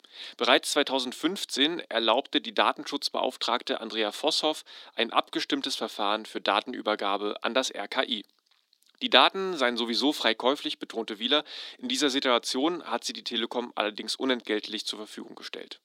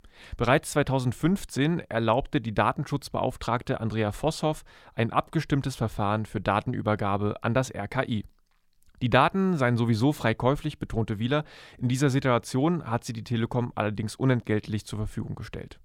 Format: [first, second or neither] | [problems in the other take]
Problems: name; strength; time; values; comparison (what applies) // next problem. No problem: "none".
second | thin; somewhat; fading below 250 Hz